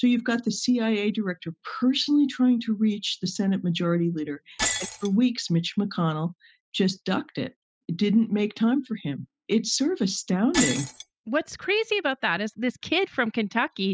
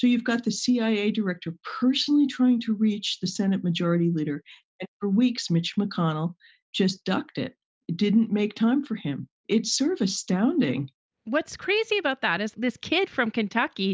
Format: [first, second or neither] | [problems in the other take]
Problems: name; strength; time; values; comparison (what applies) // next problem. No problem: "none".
second | noise reduction (classical method spectral subtraction)